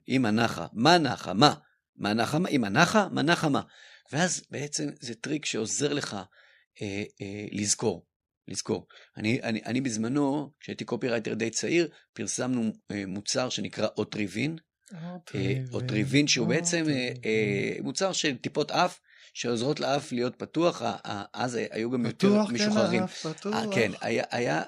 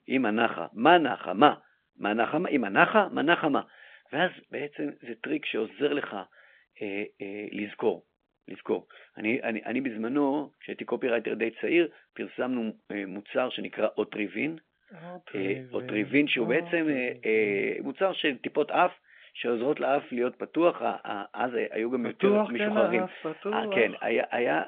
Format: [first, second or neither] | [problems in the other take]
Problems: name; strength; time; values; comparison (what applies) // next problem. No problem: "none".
first | phone-call audio